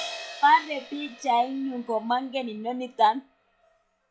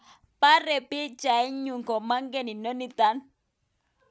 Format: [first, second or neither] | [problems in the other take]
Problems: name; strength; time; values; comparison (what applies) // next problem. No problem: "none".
second | noise reduction (classical method log-MMSE)